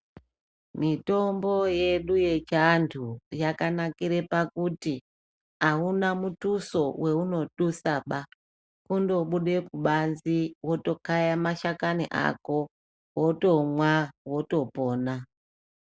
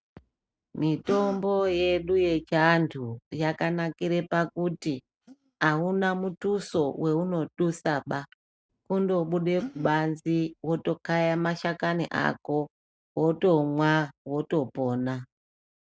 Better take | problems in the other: first | noise reduction (neural mask model RNNoise)

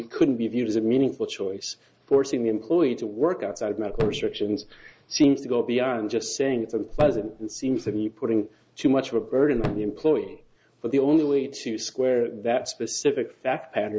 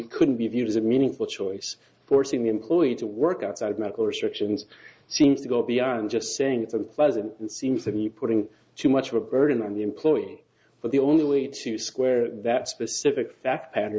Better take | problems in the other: second | background sound (Thump, thud); 11 dB below the speech

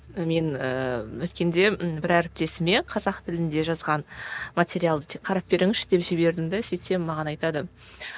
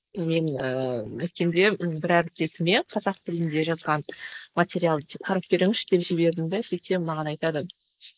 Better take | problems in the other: first | noise reduction (neural mask model Resemble Enhance denoiser)

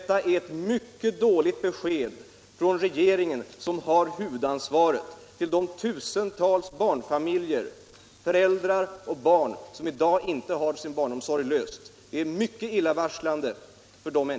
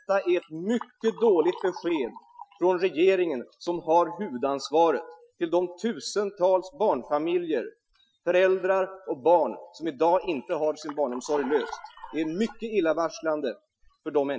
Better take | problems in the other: first | noise reduction (classical method Wiener filter)

